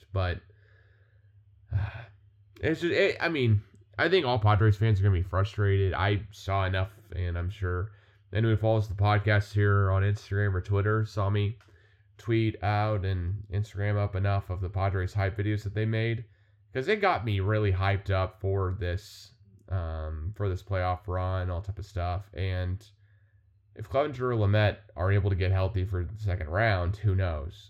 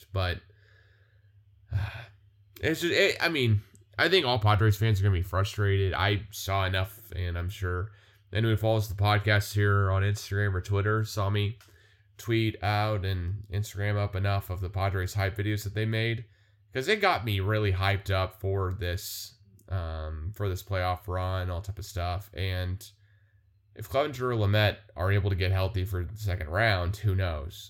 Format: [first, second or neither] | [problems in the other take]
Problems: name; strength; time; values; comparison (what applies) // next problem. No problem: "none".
second | muffled; slightly; fading above 1.5 kHz